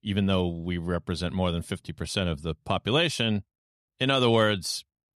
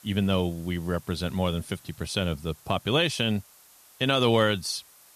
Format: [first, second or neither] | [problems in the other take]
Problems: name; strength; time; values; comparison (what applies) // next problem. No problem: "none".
first | hiss; faint; throughout; 25 dB below the speech